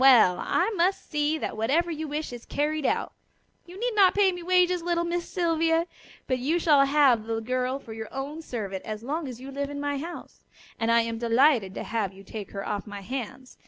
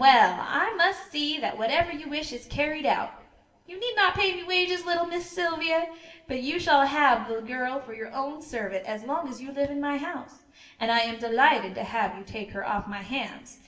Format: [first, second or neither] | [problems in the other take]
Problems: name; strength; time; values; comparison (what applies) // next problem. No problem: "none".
first | room echo; dies away in 0.8 s